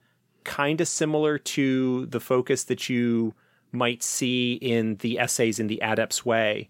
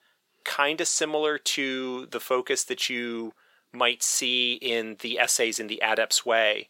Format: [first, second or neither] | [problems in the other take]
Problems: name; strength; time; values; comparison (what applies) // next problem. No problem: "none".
first | thin; somewhat; fading below 550 Hz